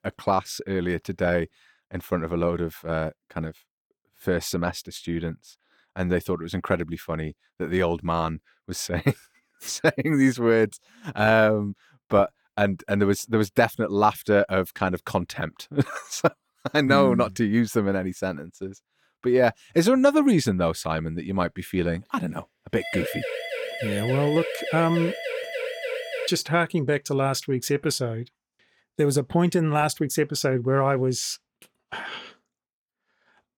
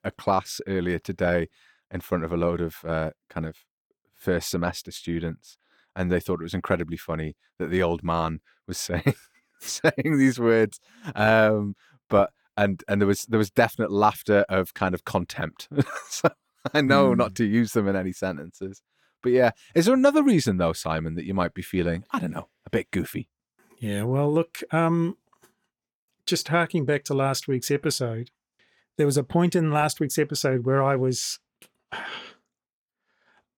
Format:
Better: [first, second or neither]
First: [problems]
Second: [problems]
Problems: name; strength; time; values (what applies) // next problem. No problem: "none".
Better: second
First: siren; noticeable; from 23 to 26 s; peak 5 dB below the speech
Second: none